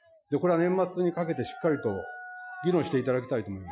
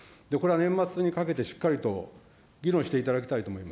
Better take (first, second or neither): second